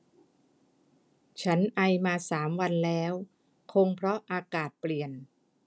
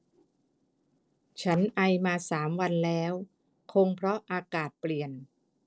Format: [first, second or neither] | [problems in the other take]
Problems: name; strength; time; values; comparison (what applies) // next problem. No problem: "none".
first | noise reduction (neural separator model SepFormer DNS4)